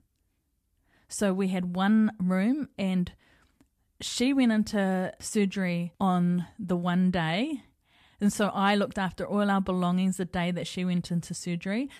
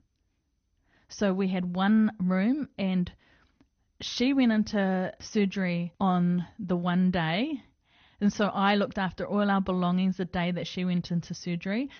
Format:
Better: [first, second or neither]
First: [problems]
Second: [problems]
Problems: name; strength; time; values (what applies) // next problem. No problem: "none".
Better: first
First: none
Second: garbled, watery; slightly; nothing above 6.5 kHz